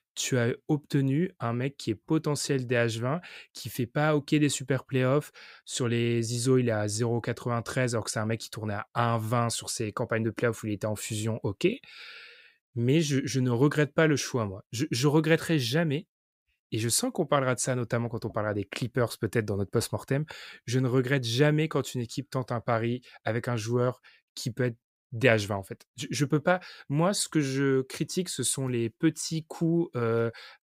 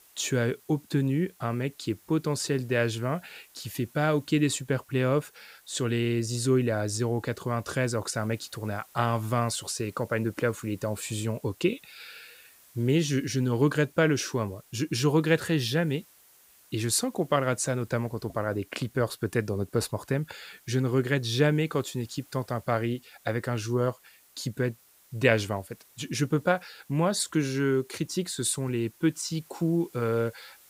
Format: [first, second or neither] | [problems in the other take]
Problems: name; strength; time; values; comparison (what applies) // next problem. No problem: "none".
first | hiss; faint; throughout; 25 dB below the speech